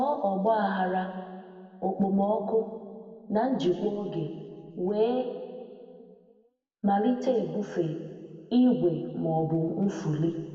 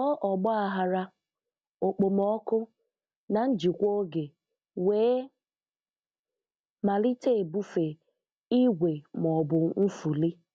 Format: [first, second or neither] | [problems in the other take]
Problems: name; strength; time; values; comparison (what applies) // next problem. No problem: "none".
second | room echo; dies away in 2.1 s